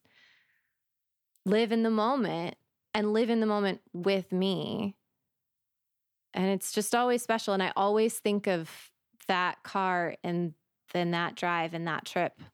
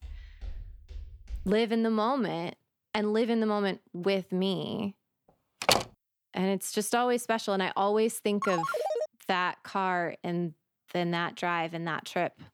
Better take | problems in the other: first | footsteps; faint; until 1.5 s; peak 15 dB below the speech // door banging; loud; at 5.5 s; peak 4 dB above the speech // phone ringing; noticeable; at 8.5 s; peak 1 dB below the speech

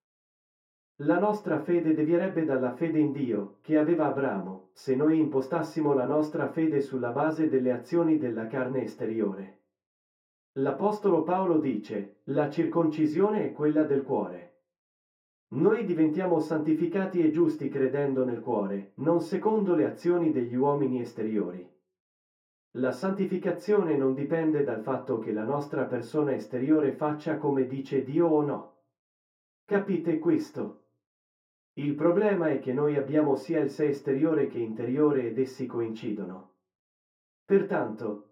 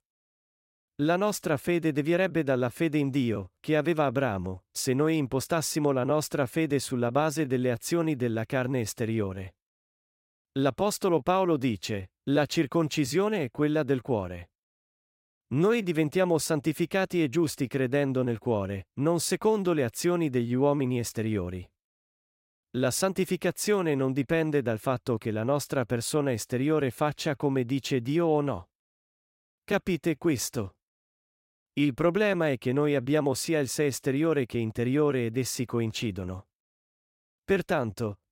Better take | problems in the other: second | room echo; slight; dies away in 0.3 s // off-mic speech; far

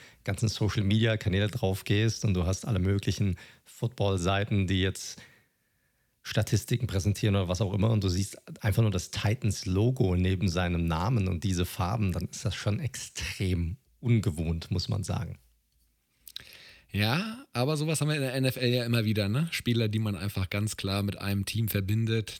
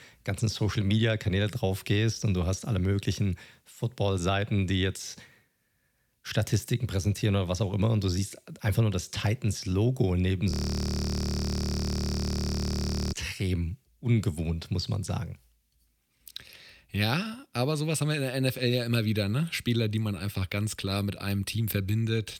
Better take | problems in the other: first | audio freezing; at 11 s for 2.5 s

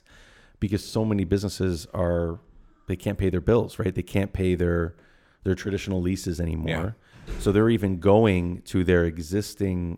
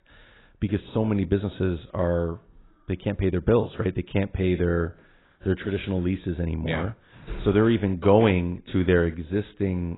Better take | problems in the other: first | garbled, watery; badly; nothing above 4 kHz

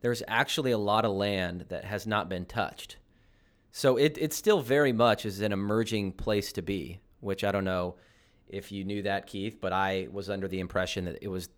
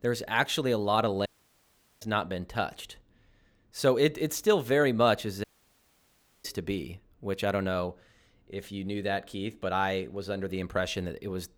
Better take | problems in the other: first | audio cutting out; at 1.5 s for 0.5 s and at 5.5 s for 1 s

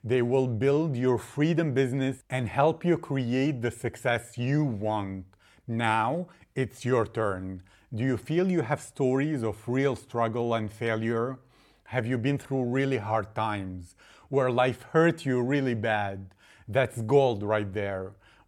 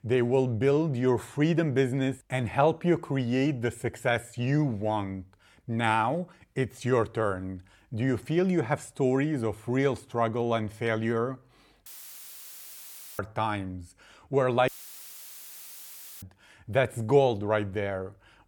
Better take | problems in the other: first | audio cutting out; filled with static; at 12 s for 1.5 s and at 15 s for 1.5 s

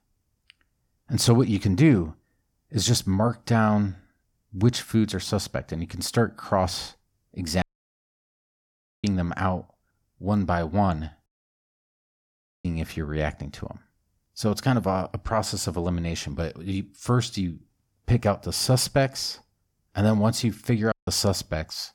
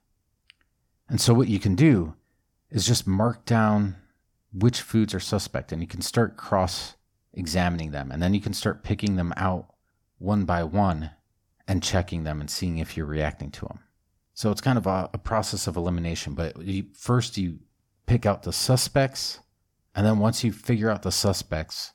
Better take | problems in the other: second | audio cutting out; at 7.5 s for 1.5 s, at 11 s for 1.5 s and at 21 s

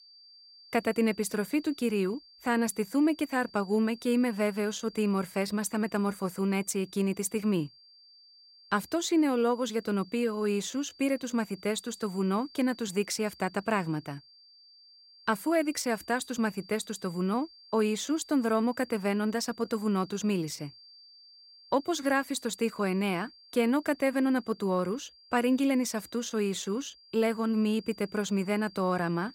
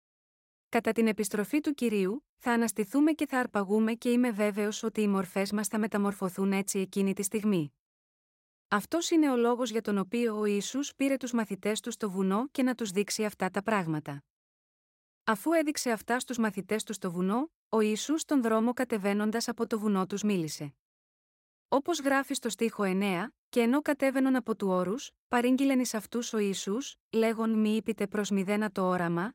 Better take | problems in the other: second | high-pitched whine; faint; throughout; 4.5 kHz, 25 dB below the speech

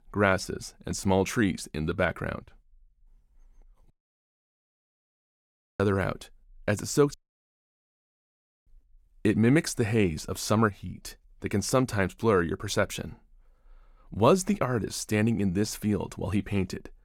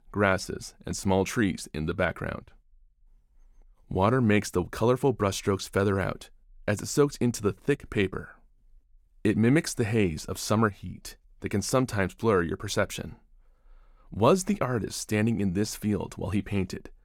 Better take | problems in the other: second | audio cutting out; at 4 s for 2 s and at 7 s for 1.5 s

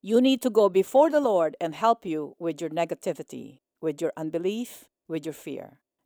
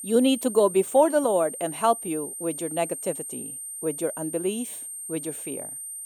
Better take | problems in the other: first | high-pitched whine; loud; throughout; 9 kHz, 8 dB below the speech

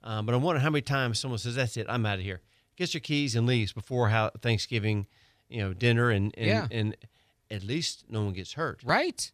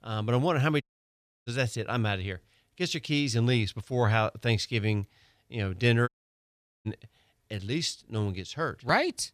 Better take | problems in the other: first | audio cutting out; at 1 s for 0.5 s and at 6 s for 1 s

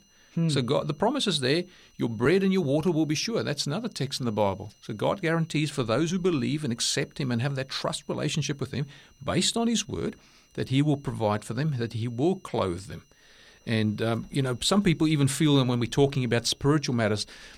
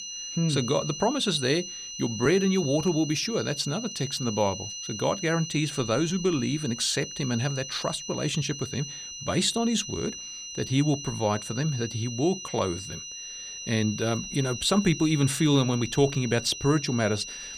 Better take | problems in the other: first | high-pitched whine; loud; throughout; 6 kHz, 9 dB below the speech; faint in the first

